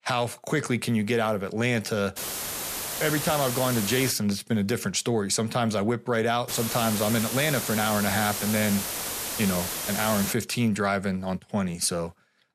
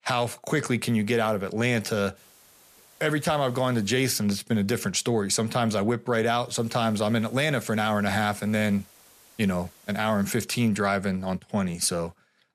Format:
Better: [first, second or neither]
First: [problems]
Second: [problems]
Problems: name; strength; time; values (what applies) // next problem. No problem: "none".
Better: second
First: hiss; loud; from 2 to 4 s and from 6.5 to 10 s; 3 dB below the speech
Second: hiss; faint; from 2 to 4 s and from 6.5 to 10 s; 25 dB below the speech